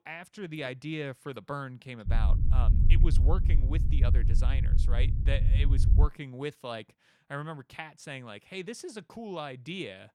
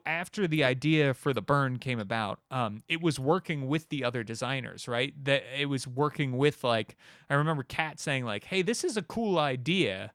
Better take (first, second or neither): second